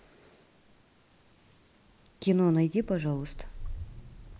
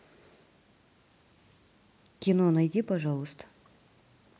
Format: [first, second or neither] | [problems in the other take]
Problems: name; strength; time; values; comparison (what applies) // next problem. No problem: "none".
second | background sound (Engine starting / Motor vehicle (road)); 13 dB below the speech